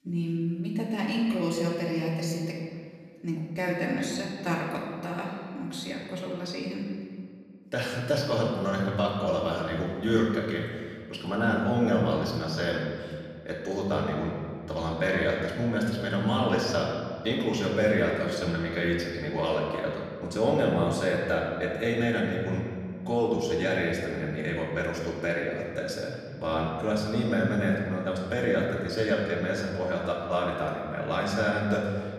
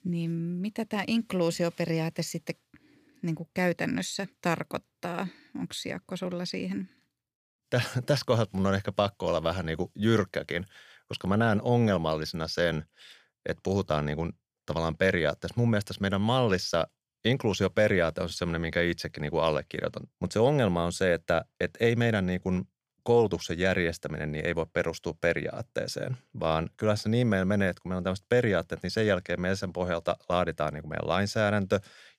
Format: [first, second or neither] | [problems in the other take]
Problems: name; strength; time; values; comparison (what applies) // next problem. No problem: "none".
second | off-mic speech; far // room echo; noticeable; dies away in 1.8 s